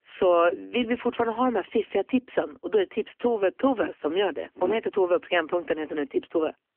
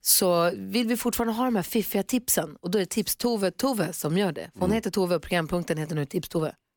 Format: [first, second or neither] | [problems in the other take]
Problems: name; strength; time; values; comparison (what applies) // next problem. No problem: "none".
second | phone-call audio; poor line; nothing above 3 kHz